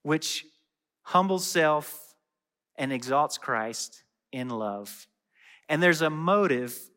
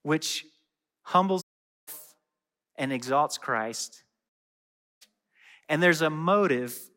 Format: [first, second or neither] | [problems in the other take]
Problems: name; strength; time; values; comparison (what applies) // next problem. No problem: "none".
first | audio cutting out; at 1.5 s and at 4.5 s for 0.5 s